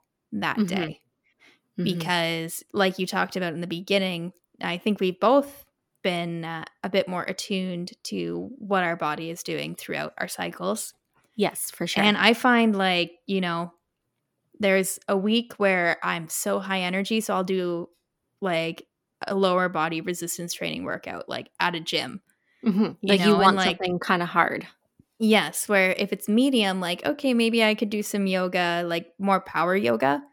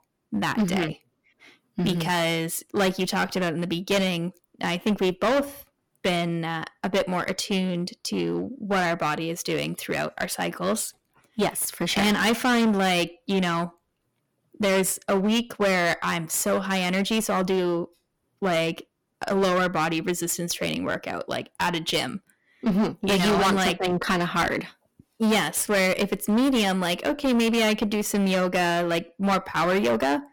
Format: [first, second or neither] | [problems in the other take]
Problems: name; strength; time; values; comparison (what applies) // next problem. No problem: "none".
first | distortion; heavy; 13% of the sound clipped